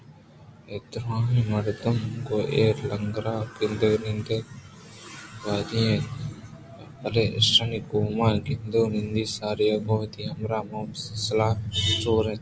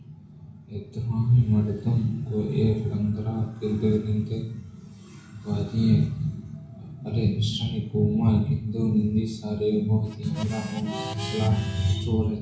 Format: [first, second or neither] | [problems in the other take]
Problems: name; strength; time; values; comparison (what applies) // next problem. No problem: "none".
first | background sound (Harmonica); 13 dB below the speech // room echo; dies away in 0.6 s